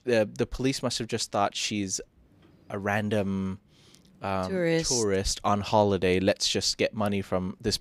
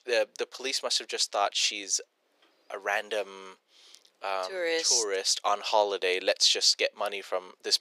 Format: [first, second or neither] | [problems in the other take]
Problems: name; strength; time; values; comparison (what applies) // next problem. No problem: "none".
first | thin; very; fading below 450 Hz